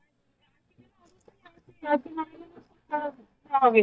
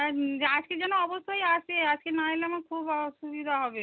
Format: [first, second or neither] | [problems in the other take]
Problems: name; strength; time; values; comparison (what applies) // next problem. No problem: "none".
second | noise reduction (neural mask model DeepFilterNet 3)